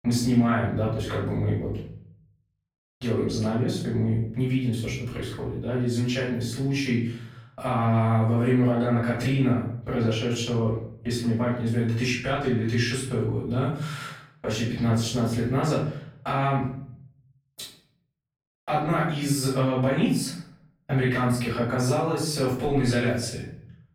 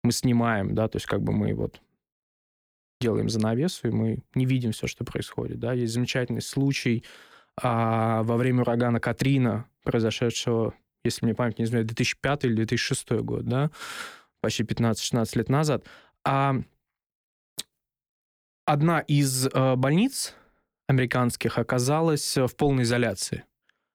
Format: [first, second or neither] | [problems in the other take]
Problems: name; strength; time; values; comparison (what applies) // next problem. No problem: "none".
second | off-mic speech; far // room echo; noticeable; dies away in 0.5 s